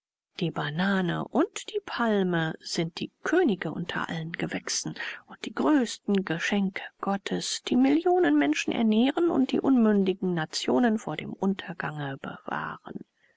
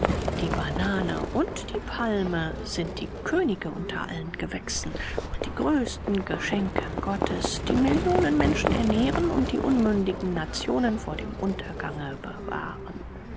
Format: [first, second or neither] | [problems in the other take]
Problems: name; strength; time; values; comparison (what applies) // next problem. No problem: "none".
first | background sound (Livestock, farm animals, working animals); 3 dB below the speech